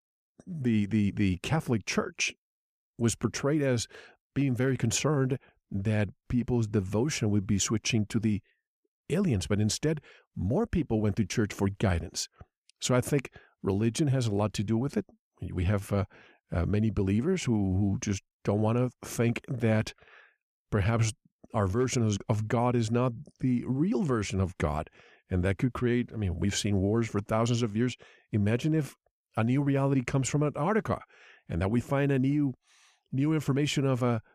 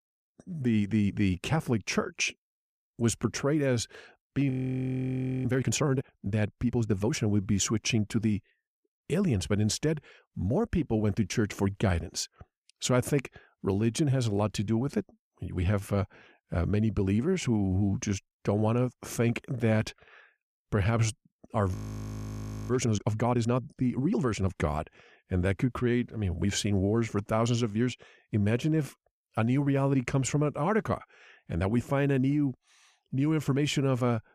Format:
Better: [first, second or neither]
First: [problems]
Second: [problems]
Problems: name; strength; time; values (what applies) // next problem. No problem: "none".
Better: first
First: none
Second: audio freezing; at 4.5 s for 1 s and at 22 s for 1 s